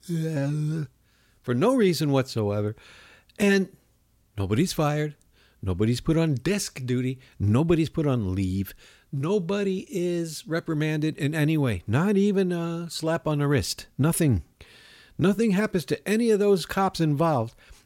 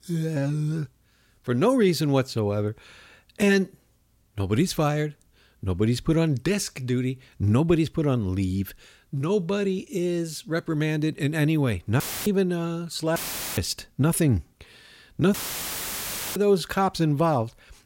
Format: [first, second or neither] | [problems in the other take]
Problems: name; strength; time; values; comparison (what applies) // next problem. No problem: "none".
first | audio cutting out; filled with static; at 12 s, at 13 s and at 15 s for 1 s